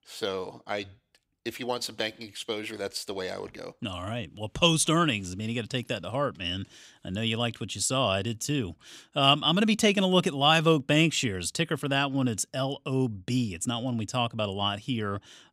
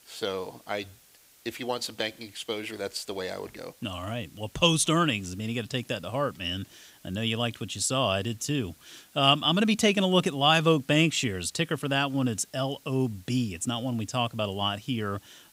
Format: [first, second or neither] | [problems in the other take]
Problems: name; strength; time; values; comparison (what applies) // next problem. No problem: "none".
first | hiss; faint; throughout; 30 dB below the speech